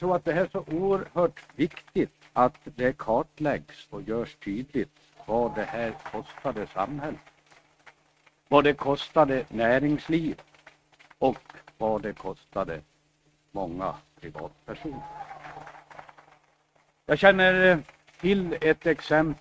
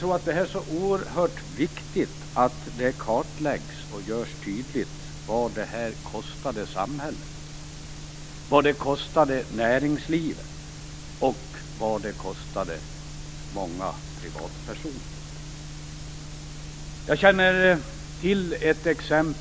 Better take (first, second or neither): second